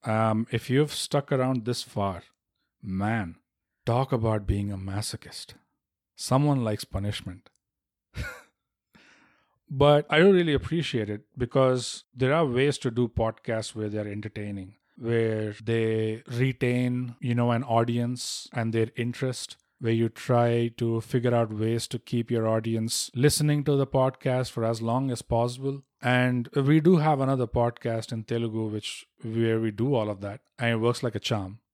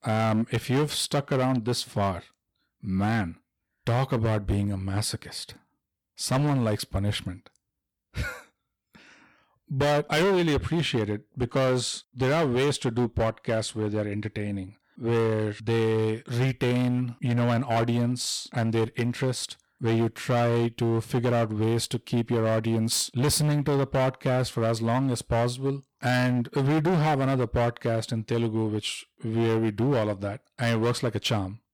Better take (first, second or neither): first